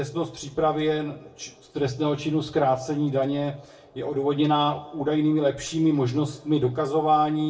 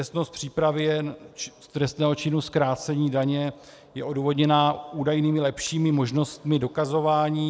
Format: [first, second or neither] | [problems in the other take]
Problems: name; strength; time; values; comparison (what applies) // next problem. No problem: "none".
second | room echo; dies away in 0.3 s